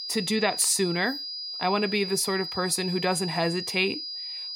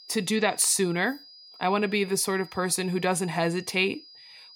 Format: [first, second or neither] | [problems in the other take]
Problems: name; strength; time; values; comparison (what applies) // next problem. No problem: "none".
second | high-pitched whine; loud; throughout; 5 kHz, 6 dB below the speech; faint in the second